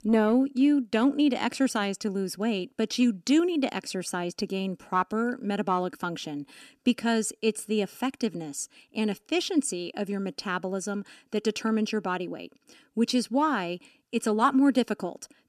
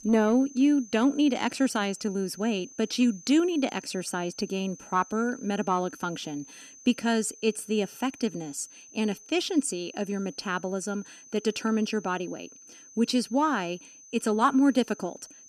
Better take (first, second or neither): first